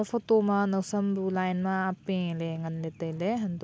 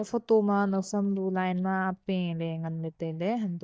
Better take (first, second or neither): first